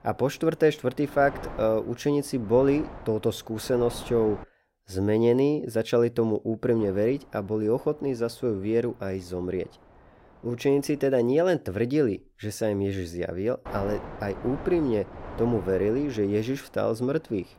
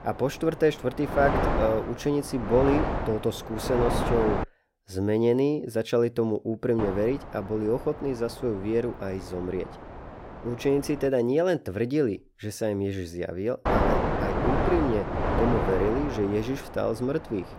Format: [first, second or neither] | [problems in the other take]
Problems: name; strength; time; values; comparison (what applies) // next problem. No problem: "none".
first | wind noise on the microphone; heavy; until 4.5 s, from 7 to 11 s and from 14 s on; 1 dB below the speech; occasional gusts in the first